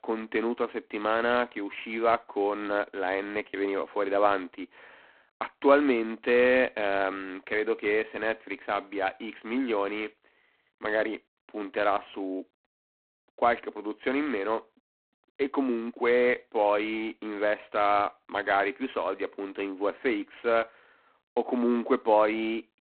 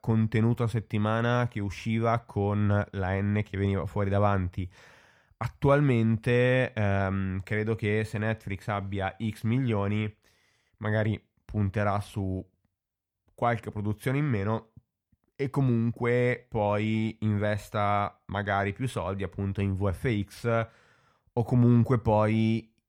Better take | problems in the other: second | phone-call audio; poor line; nothing above 4 kHz

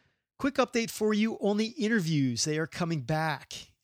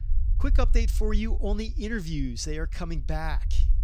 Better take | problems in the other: first | low rumble; noticeable; throughout; 15 dB below the speech

